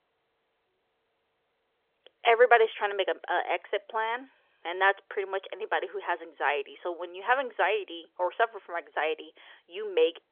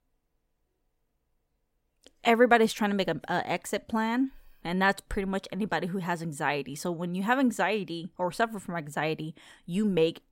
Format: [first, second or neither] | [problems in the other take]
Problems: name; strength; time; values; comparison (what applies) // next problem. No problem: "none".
second | phone-call audio; nothing above 3.5 kHz